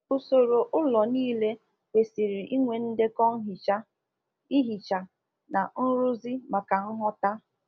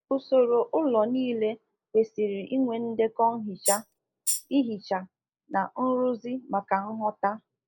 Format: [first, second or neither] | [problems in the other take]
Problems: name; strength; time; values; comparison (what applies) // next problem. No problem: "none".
first | noise reduction (neural mask model Resemble Enhance denoiser)